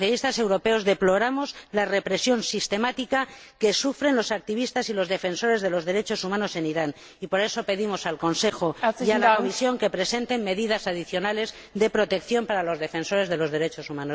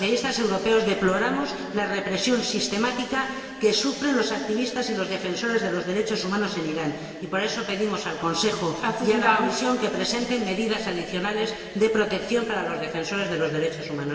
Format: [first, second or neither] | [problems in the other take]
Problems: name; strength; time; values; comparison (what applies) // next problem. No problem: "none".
first | room echo; dies away in 2.8 s